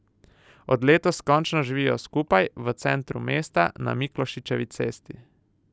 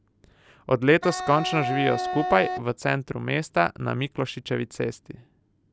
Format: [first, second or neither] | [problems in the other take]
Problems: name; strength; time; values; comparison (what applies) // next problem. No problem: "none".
first | background sound (Wind instrument, woodwind instrument); 4 dB below the speech